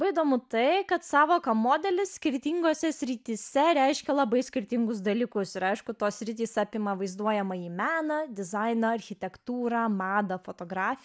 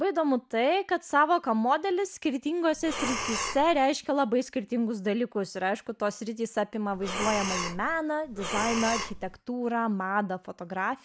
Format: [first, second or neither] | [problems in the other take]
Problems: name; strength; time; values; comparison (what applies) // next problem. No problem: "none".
first | background sound (Breathing); 6 dB below the speech